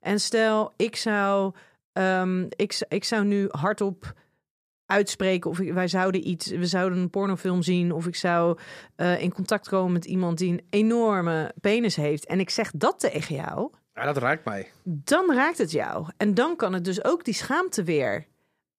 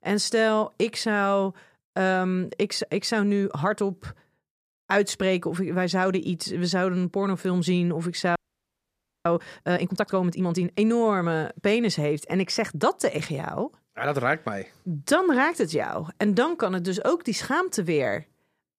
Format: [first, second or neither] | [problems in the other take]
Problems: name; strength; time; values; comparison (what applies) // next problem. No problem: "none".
first | audio freezing; at 8.5 s for 1 s